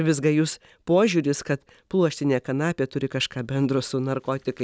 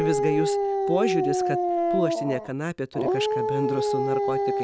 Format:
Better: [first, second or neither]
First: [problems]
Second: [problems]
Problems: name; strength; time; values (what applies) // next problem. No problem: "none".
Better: first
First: none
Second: background sound (Dog); 4 dB above the speech